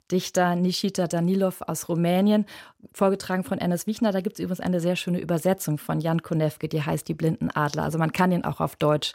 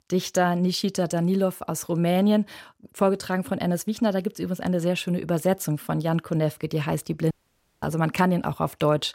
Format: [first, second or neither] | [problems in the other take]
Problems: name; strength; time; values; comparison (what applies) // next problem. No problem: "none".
first | audio cutting out; at 7.5 s for 0.5 s